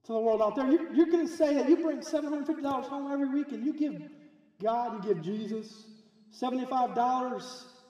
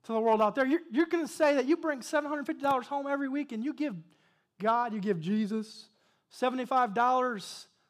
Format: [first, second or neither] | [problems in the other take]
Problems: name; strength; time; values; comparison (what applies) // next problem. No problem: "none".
second | room echo; slight; dies away in 1.3 s // off-mic speech; somewhat distant